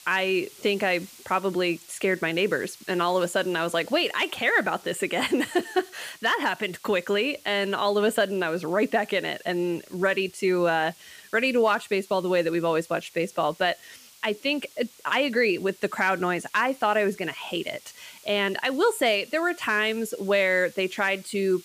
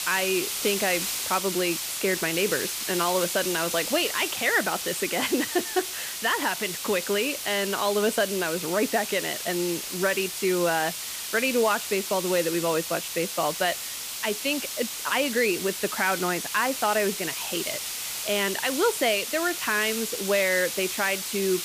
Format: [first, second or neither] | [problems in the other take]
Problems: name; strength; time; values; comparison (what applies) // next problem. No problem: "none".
first | hiss; loud; throughout; 4 dB below the speech; faint in the first